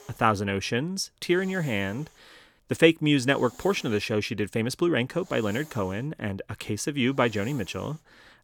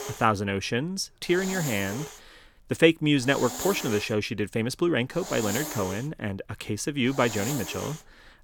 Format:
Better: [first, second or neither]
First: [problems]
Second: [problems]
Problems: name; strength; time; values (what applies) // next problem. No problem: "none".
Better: first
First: hiss; faint; throughout; 25 dB below the speech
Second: hiss; loud; throughout; 9 dB below the speech